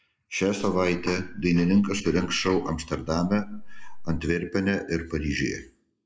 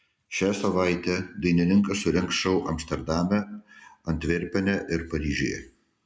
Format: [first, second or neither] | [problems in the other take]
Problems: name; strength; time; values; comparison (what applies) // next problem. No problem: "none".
second | noise reduction (neural mask model Resemble Enhance denoiser)